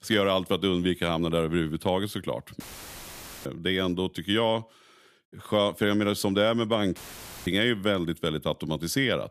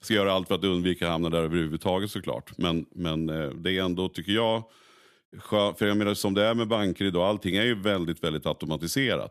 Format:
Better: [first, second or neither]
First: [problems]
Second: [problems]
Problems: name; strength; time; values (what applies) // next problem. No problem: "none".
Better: second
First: audio cutting out; filled with static; at 2.5 s for 1 s and at 7 s for 0.5 s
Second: none